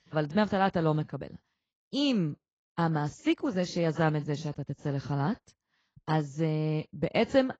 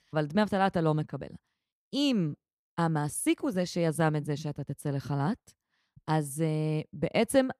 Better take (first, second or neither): second